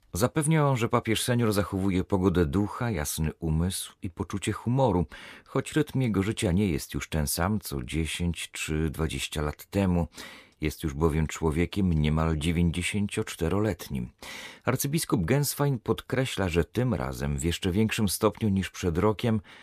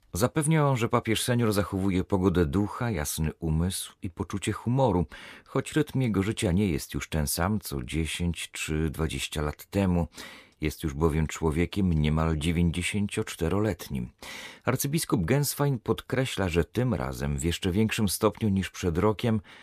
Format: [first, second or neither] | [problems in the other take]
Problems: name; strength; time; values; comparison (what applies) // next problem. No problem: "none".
neither | none